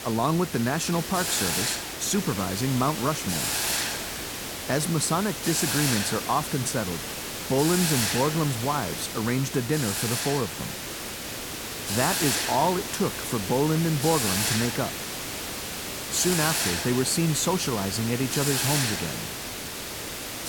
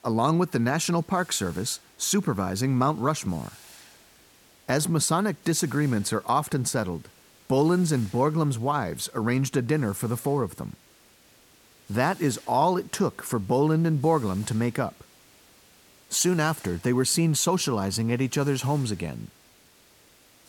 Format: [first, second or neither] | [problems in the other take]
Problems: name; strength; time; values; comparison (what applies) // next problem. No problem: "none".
second | hiss; loud; throughout; 2 dB below the speech; faint in the second